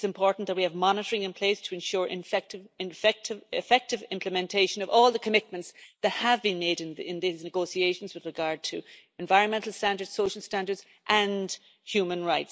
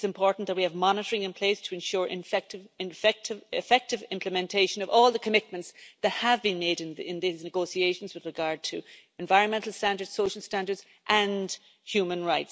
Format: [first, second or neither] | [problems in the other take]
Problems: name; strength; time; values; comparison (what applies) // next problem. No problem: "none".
second | noise reduction (neural mask model Resemble Enhance denoiser)